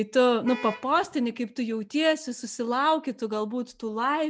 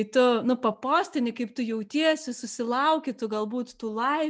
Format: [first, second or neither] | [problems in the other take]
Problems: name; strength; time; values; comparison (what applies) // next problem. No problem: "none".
second | background sound (Vehicle horn, car horn, honking); 14 dB below the speech